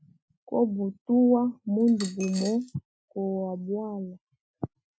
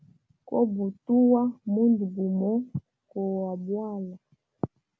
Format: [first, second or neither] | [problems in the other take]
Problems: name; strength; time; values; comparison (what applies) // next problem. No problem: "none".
second | noise reduction (classical method Wiener filter)